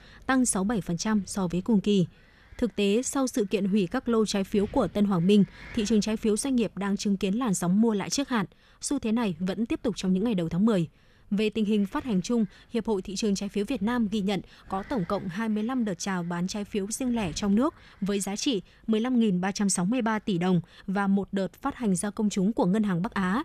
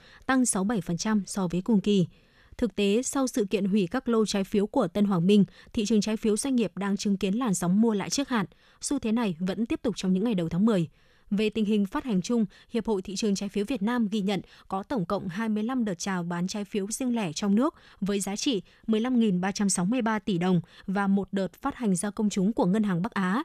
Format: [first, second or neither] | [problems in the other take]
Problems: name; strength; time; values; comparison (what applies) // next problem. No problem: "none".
second | wind noise on the microphone; occasional gusts; 25 dB below the speech